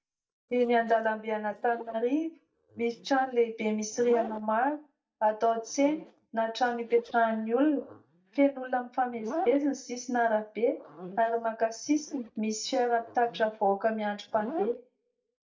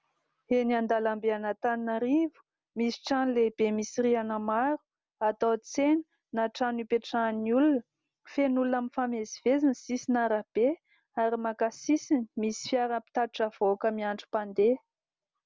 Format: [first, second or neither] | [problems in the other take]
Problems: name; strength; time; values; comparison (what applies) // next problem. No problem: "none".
second | noise reduction (neural mask model DeepFilterNet 3)